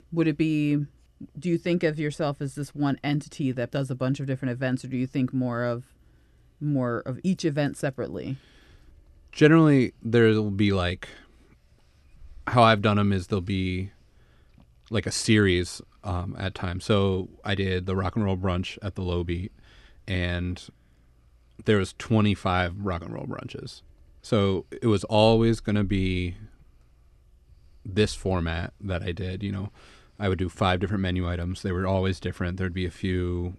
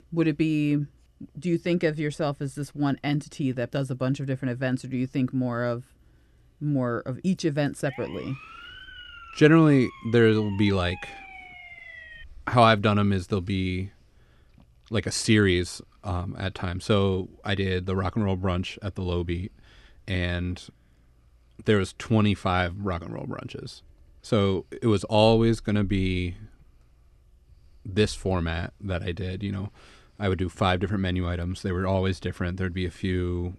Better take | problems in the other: first | siren; faint; from 8 to 12 s; peak 15 dB below the speech

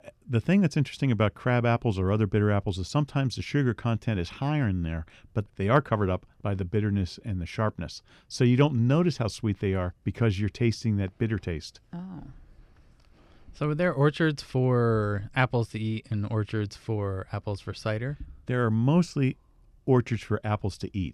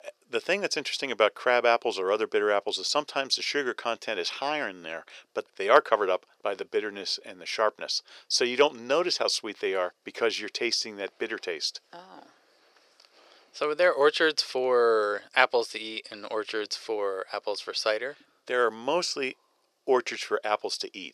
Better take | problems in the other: first | thin; very; fading below 450 Hz

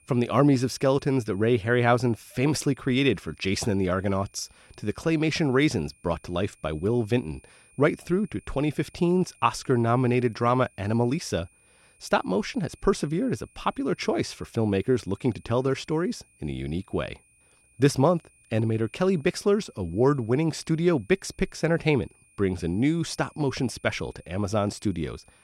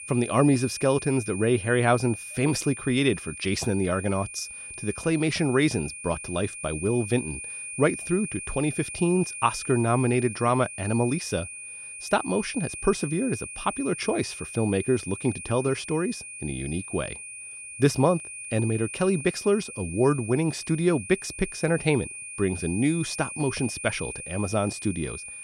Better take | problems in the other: first | high-pitched whine; loud; throughout; 2.5 kHz, 9 dB below the speech; faint in the first

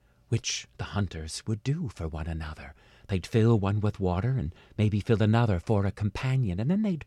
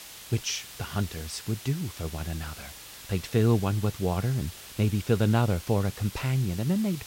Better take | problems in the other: first | hiss; noticeable; throughout; 15 dB below the speech

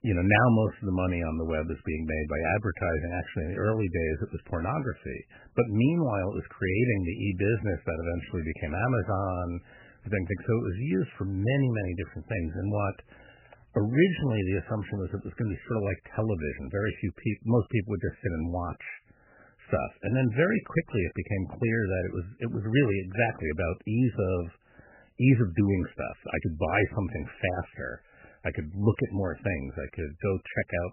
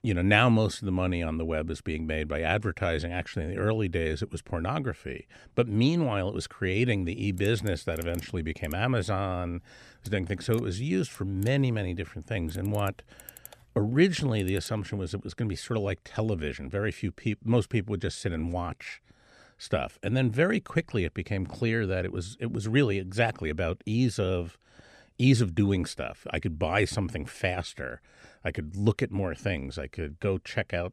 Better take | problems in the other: second | garbled, watery; badly; nothing above 3 kHz

